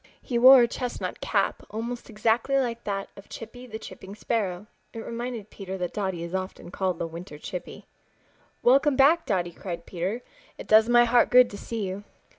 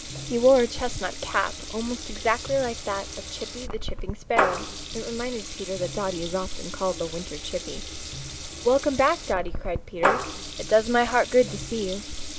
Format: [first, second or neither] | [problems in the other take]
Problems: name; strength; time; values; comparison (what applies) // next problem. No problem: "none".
first | background sound (Water tap, faucet / Liquid); 5 dB below the speech